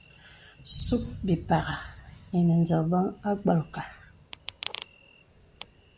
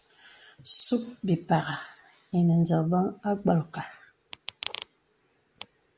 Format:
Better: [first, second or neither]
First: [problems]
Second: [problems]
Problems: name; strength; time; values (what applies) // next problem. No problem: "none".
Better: second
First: background sound (Thunder); 15 dB below the speech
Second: none